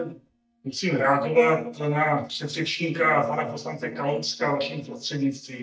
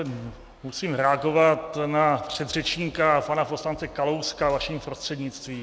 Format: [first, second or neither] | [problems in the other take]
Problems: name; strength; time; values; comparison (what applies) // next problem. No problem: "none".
second | noise reduction (neural mask model DeepFilterNet 3)